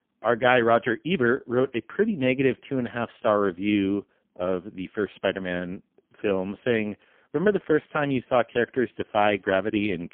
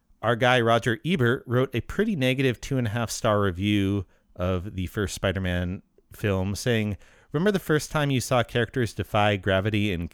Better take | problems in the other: second | phone-call audio; poor line; nothing above 3.5 kHz

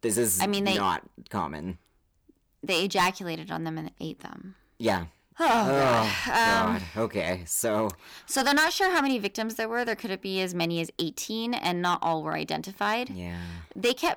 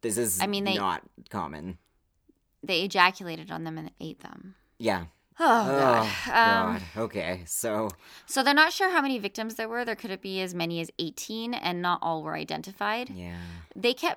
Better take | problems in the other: second | distortion; heavy; 4% of the sound clipped

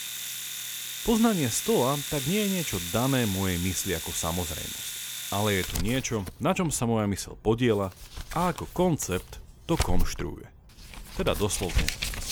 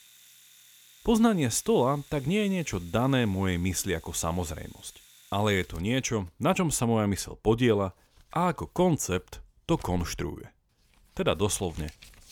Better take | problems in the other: second | household noises; loud; throughout; 5 dB below the speech; faint in the second

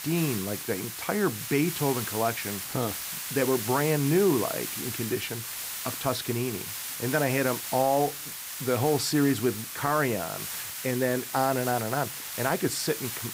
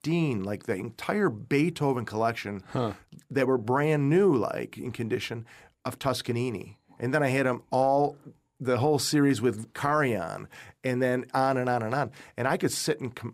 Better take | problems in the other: second | hiss; loud; throughout; 5 dB below the speech

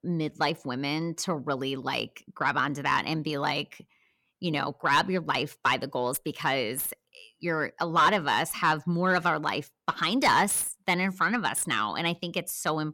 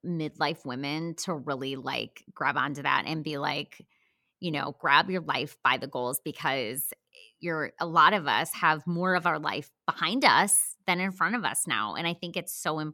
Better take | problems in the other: second | distortion; slight; 10 dB below the speech

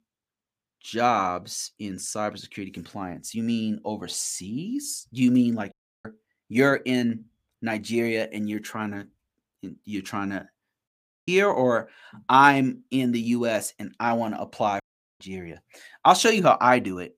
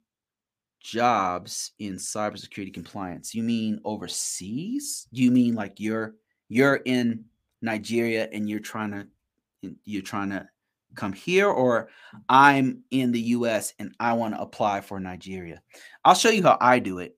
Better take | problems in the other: second | audio cutting out; at 5.5 s, at 11 s and at 15 s

